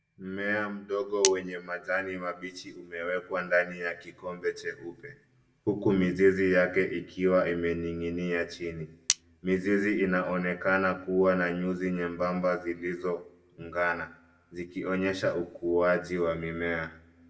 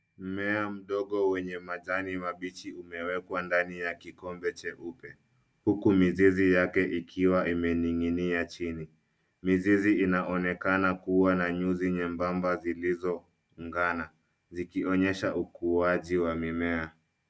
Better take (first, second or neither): second